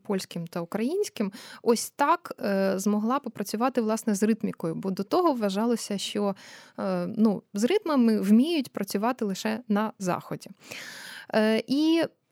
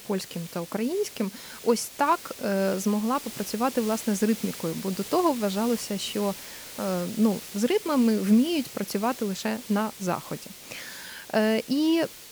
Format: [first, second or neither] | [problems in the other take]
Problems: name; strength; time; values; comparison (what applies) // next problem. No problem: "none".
first | hiss; noticeable; throughout; 10 dB below the speech